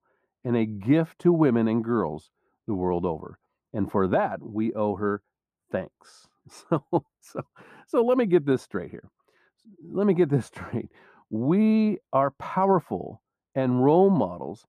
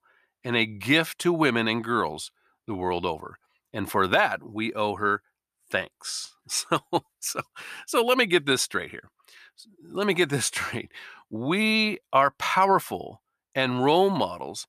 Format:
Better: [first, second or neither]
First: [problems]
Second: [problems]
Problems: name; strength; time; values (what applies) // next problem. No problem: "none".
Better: second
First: muffled; very; fading above 1.5 kHz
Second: none